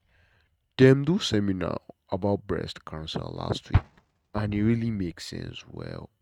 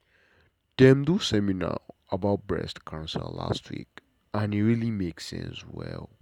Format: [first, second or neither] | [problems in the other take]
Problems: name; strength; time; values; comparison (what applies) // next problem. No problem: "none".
second | noise reduction (neural mask model RNNoise)